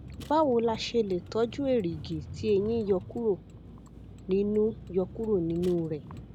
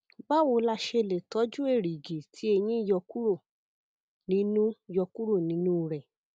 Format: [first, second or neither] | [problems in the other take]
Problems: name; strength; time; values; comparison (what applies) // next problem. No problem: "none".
second | background sound (Vehicle); 14 dB below the speech